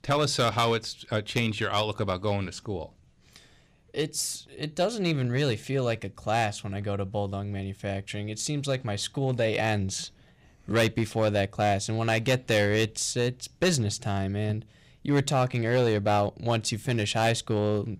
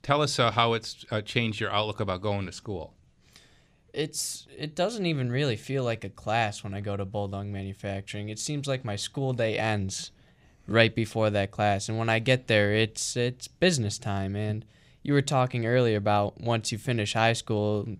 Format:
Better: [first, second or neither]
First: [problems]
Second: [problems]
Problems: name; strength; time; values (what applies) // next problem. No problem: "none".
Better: second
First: distortion; slight; 3% of the sound clipped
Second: none